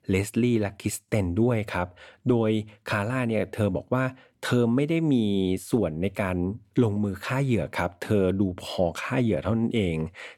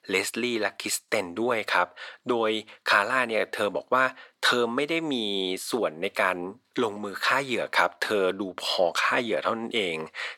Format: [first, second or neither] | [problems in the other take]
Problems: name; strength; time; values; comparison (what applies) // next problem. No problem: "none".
first | thin; very; fading below 500 Hz